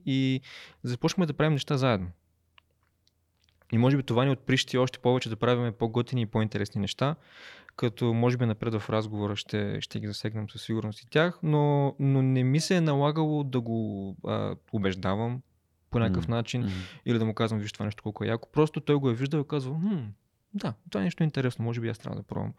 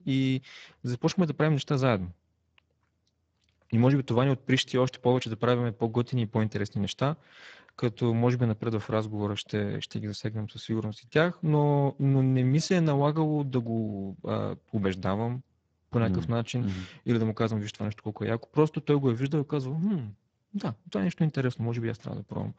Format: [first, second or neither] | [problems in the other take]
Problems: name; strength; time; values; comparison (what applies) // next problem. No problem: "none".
first | garbled, watery; badly; nothing above 7.5 kHz